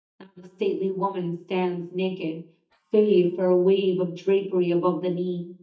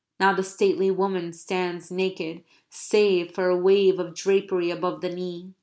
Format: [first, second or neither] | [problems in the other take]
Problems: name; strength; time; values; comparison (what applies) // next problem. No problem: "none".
second | noise reduction (neural mask model DeepFilterNet 3)